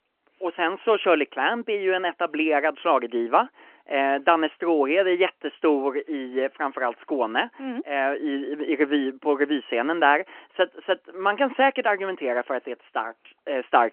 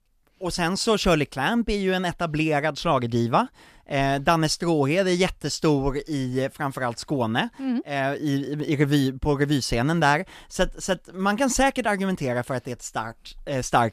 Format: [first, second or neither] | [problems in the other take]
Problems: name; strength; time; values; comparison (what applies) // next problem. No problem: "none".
second | phone-call audio; nothing above 3 kHz